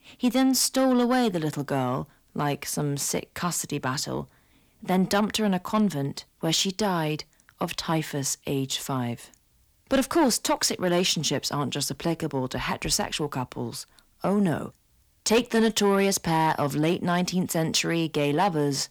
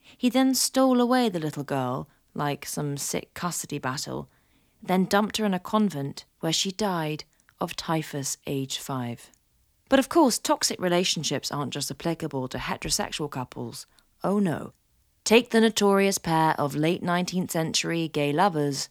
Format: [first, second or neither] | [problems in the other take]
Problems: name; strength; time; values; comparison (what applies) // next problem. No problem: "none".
second | distortion; slight; 10 dB below the speech